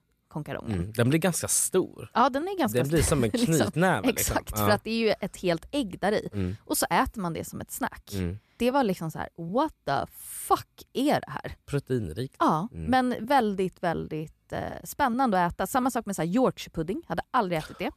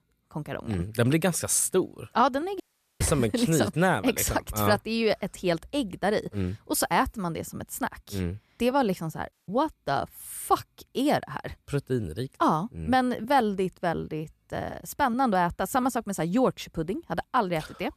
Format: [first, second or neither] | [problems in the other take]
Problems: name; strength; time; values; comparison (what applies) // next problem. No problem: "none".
first | audio cutting out; at 2.5 s and at 9.5 s